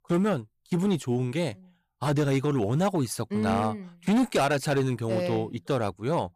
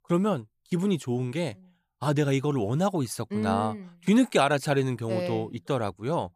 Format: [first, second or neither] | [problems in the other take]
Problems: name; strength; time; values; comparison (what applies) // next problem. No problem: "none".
second | distortion; slight; 7% of the sound clipped